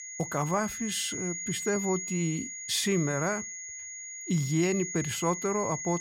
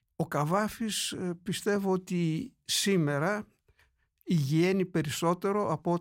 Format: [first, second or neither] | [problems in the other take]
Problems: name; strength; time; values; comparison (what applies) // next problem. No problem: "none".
second | high-pitched whine; loud; throughout; 6.5 kHz, 5 dB below the speech